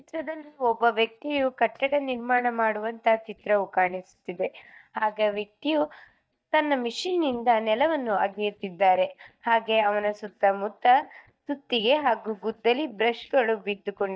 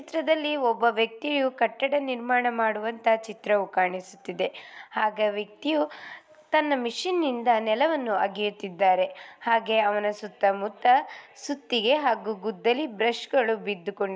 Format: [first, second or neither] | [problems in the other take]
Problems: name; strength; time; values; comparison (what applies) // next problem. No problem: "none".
second | noise reduction (neural mask model DeepFilterNet 3)